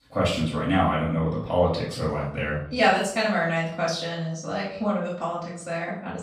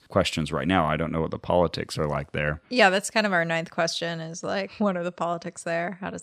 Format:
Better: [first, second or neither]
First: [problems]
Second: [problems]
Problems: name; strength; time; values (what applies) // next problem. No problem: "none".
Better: second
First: off-mic speech; far // room echo; noticeable; dies away in 0.5 s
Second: none